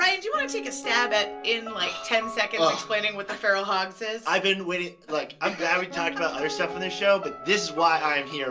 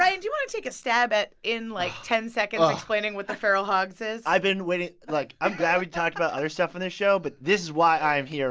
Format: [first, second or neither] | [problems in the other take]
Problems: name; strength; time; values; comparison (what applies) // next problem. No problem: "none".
second | background sound (Piano); 13 dB below the speech // room echo; dies away in 0.2 s